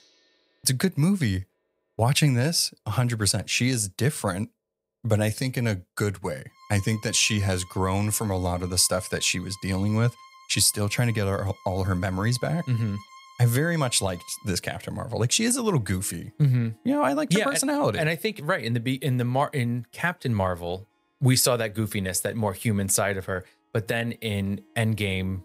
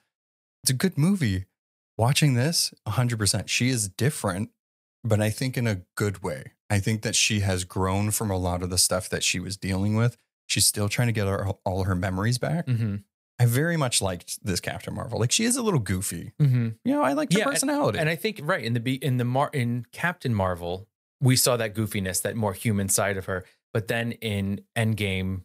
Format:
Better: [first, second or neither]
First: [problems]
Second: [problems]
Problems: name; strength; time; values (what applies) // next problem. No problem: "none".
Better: second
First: background music; faint; throughout; 25 dB below the speech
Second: none